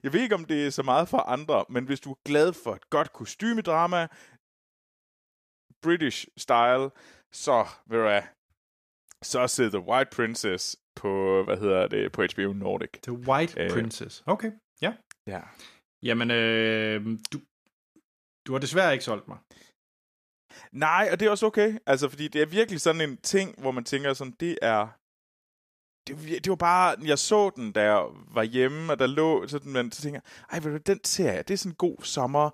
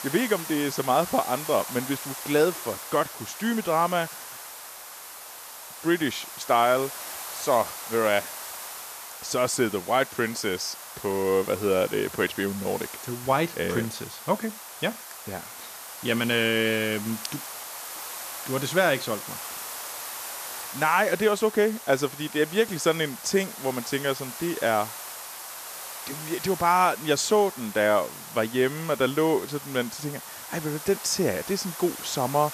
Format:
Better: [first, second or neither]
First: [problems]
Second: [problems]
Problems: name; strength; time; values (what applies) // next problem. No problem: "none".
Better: first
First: none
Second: hiss; noticeable; throughout; 10 dB below the speech